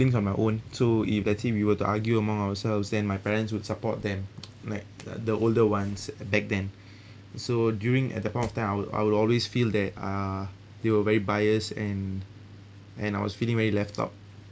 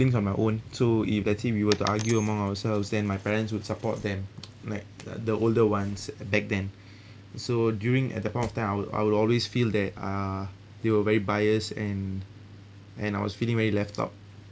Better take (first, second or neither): first